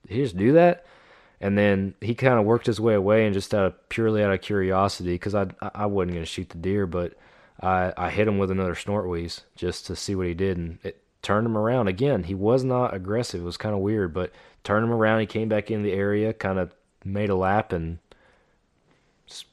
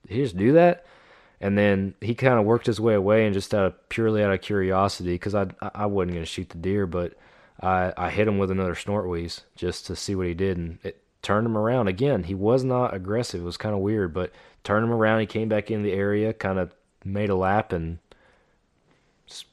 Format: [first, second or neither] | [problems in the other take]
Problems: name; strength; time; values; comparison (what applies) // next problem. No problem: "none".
neither | none